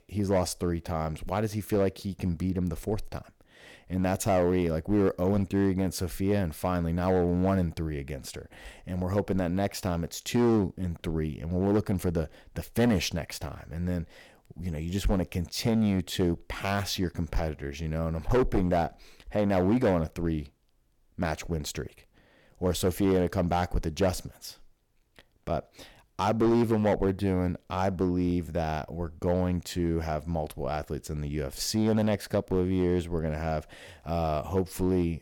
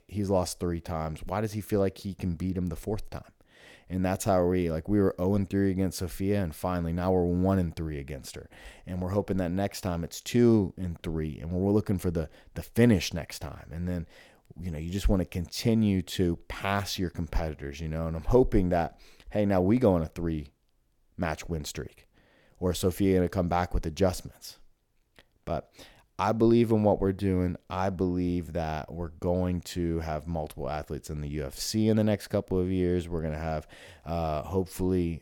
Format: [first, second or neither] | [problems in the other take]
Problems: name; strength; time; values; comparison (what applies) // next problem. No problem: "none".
second | distortion; slight; 5% of the sound clipped